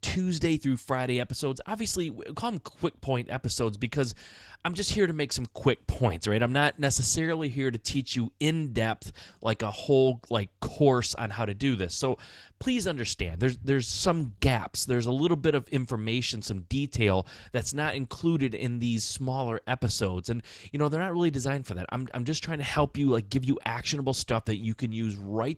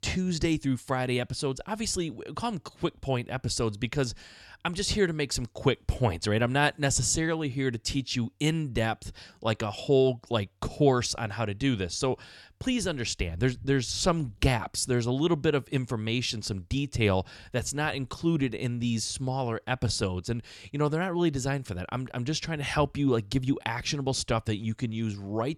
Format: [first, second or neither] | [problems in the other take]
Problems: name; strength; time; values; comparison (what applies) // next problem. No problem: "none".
second | garbled, watery; slightly; nothing above 15.5 kHz